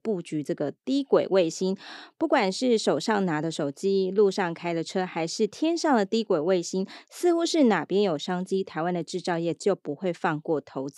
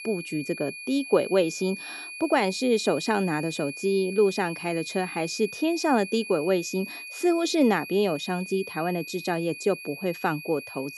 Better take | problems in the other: first | high-pitched whine; noticeable; throughout; 2.5 kHz, 10 dB below the speech

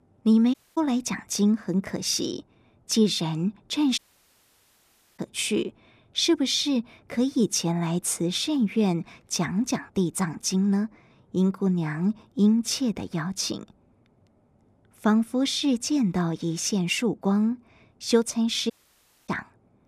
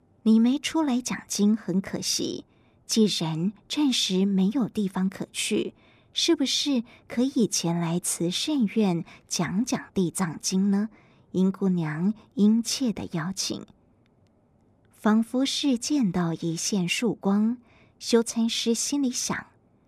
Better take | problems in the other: second | audio cutting out; at 0.5 s, at 4 s for 1 s and at 19 s for 0.5 s

